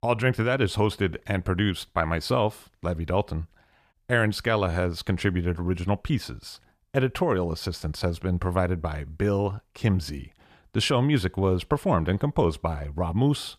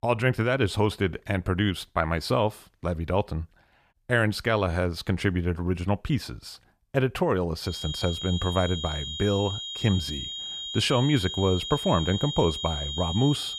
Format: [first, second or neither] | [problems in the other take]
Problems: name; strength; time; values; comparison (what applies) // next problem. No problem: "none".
first | high-pitched whine; loud; from 7.5 s on; 3 kHz, 6 dB below the speech